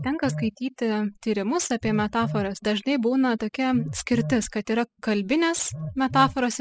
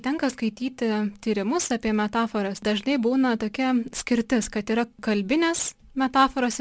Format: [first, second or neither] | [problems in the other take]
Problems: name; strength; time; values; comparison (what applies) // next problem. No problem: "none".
second | noise reduction (classical method spectral subtraction)